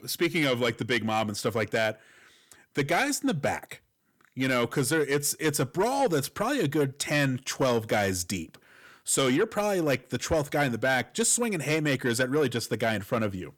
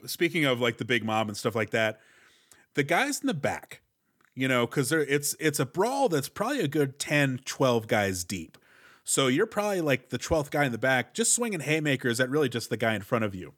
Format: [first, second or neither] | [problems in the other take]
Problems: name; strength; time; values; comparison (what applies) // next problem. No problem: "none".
second | distortion; slight; 10 dB below the speech